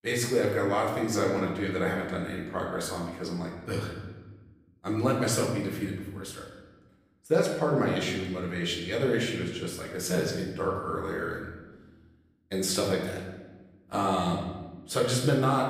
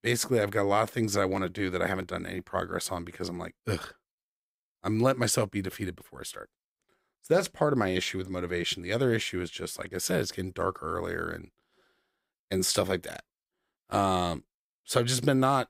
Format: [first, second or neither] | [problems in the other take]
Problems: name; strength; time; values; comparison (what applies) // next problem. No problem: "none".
second | room echo; noticeable; dies away in 1.1 s // off-mic speech; far